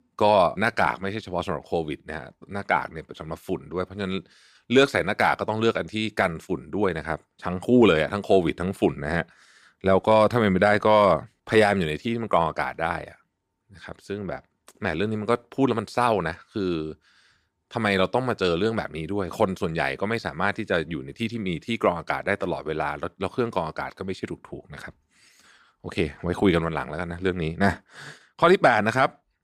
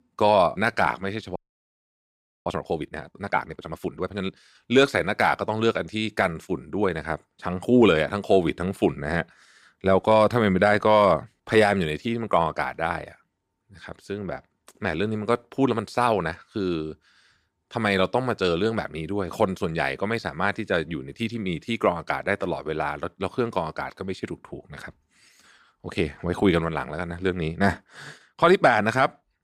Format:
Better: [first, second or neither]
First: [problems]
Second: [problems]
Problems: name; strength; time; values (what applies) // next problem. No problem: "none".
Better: first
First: none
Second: audio freezing; at 1.5 s for 1 s